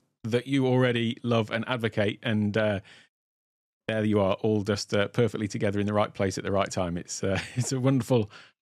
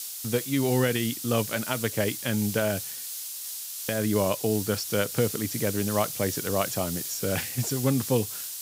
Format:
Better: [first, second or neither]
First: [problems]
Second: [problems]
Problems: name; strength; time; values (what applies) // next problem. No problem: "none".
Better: first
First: none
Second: hiss; loud; throughout; 5 dB below the speech